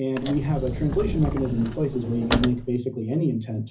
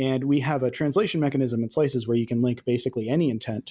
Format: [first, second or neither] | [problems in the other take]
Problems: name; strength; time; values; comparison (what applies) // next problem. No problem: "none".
second | background sound (Sliding door / Slam / Wood); 4 dB below the speech // room echo; dies away in 0.4 s